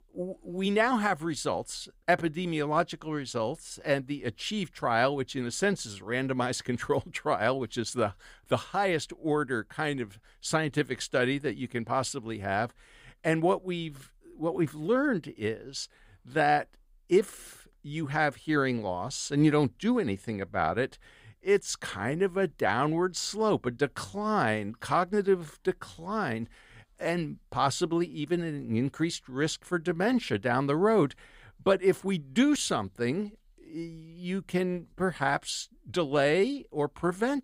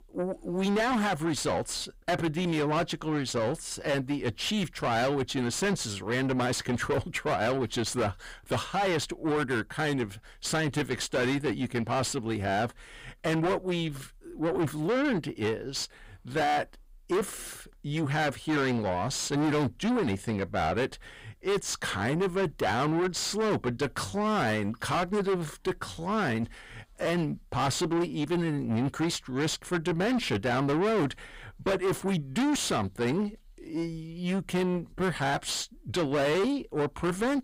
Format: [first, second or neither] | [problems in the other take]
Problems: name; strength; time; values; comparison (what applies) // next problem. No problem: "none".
first | distortion; heavy; 5 dB below the speech